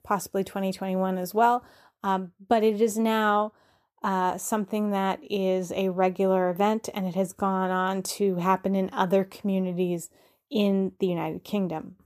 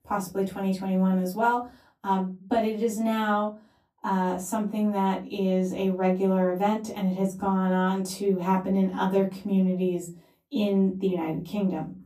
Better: first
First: none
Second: off-mic speech; far // room echo; very slight; dies away in 0.2 s

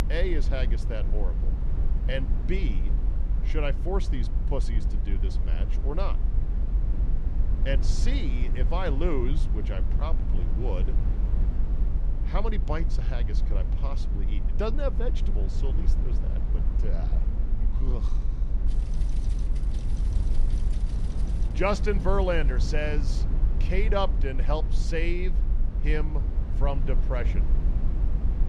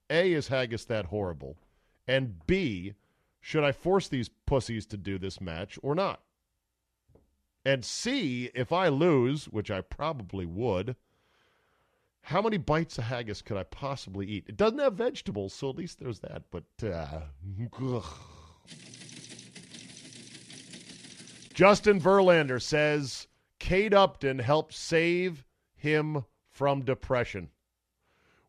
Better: second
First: low rumble; noticeable; throughout; 10 dB below the speech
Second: none

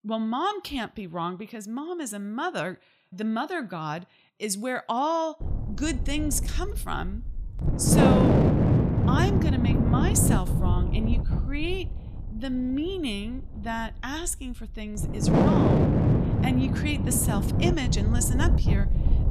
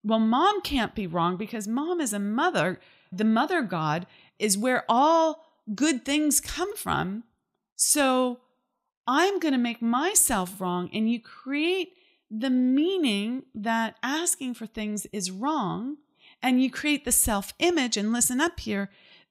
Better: second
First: wind noise on the microphone; heavy; from 5.5 s on; 1 dB above the speech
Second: none

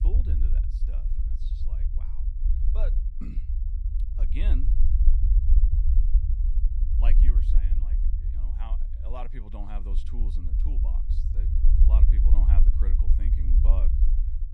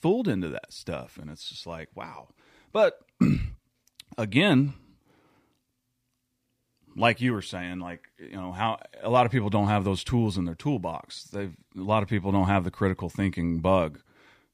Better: second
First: low rumble; loud; throughout; 1 dB below the speech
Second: none

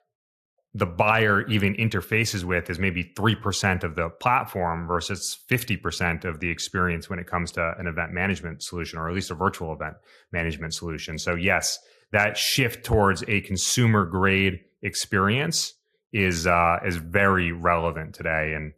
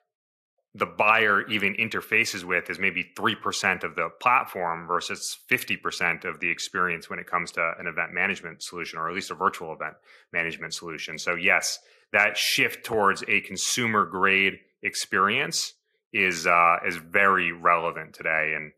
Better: first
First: none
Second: thin; somewhat; fading below 250 Hz

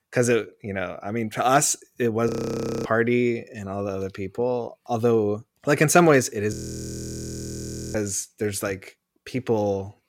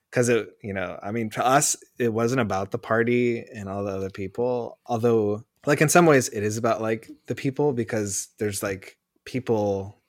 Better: second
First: audio freezing; at 2.5 s for 0.5 s and at 6.5 s for 1.5 s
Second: none

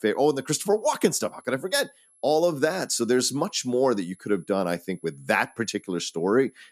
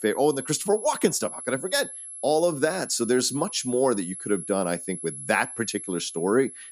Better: first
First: high-pitched whine; faint; throughout; 11 kHz, 30 dB below the speech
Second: high-pitched whine; loud; throughout; 11 kHz, 10 dB below the speech

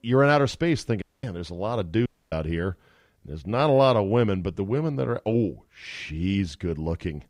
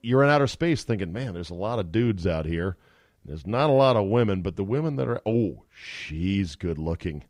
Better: second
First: audio cutting out; at 1 s and at 2 s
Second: none

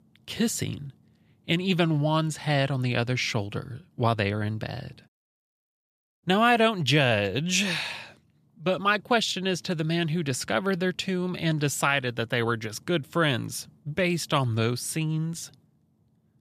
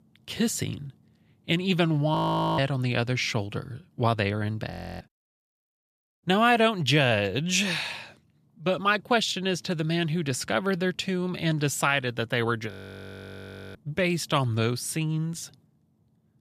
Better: first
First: none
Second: audio freezing; at 2 s, at 4.5 s and at 13 s for 1 s

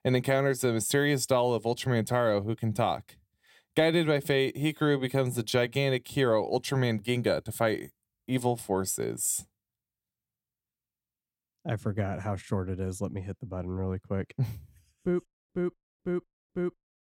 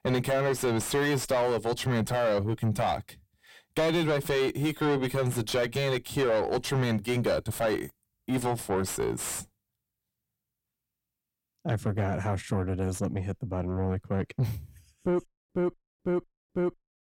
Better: first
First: none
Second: distortion; heavy; 5 dB below the speech

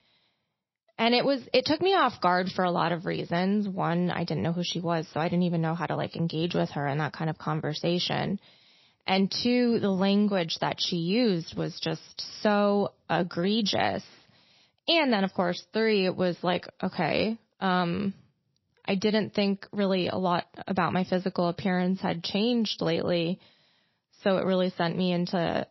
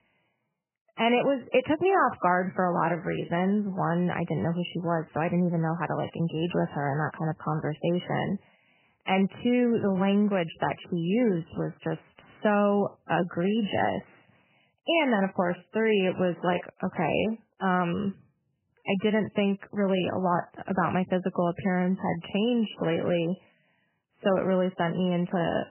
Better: first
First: garbled, watery; slightly; nothing above 5.5 kHz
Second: garbled, watery; badly; nothing above 3 kHz

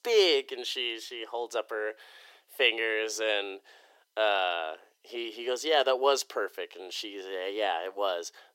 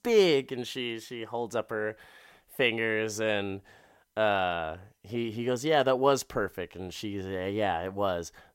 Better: second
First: thin; very; fading below 350 Hz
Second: none

